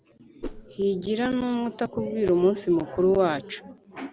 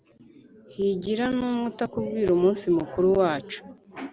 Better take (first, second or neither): second